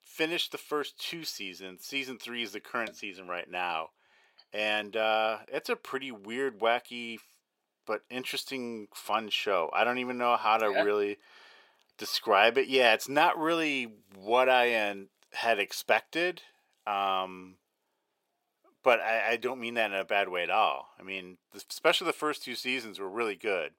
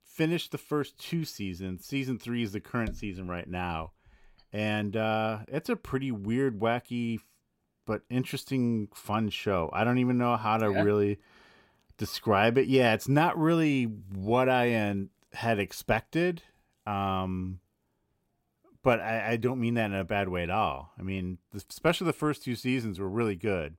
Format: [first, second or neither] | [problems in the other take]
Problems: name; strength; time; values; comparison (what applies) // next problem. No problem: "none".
second | thin; very; fading below 550 Hz